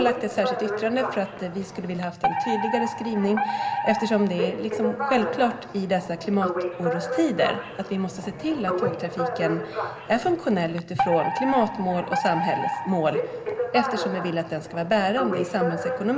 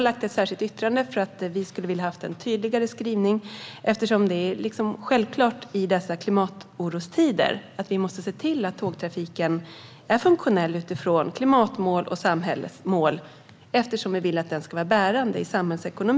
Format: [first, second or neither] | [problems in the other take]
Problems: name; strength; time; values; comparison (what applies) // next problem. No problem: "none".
second | background sound (Alarm); 3 dB below the speech // room echo; dies away in 0.4 s